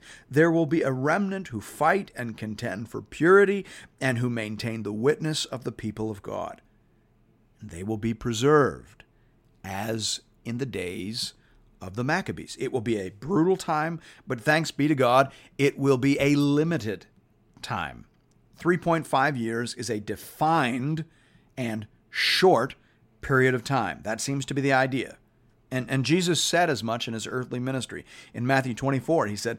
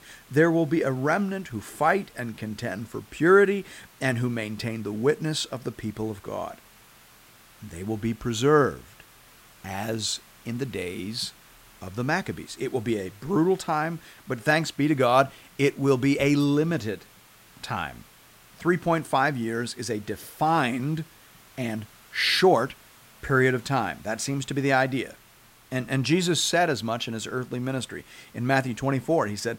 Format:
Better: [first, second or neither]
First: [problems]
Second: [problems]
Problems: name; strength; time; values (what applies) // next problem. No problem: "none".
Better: first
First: none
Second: hiss; faint; throughout; 25 dB below the speech